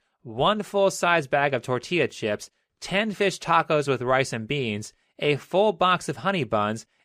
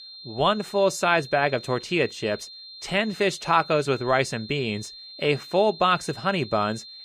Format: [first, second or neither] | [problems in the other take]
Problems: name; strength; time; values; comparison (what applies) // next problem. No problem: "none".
first | high-pitched whine; noticeable; throughout; 4 kHz, 15 dB below the speech